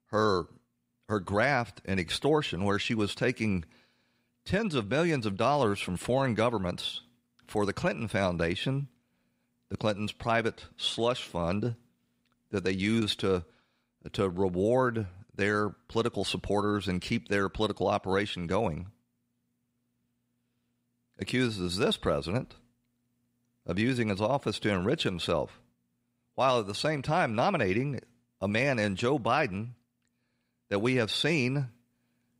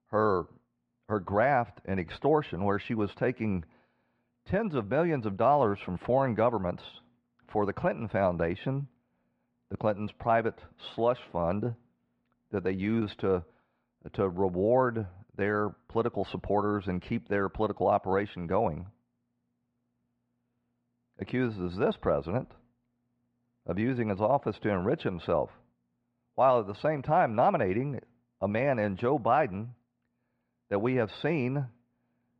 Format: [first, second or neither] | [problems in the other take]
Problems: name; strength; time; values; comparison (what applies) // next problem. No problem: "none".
first | muffled; very; fading above 1.5 kHz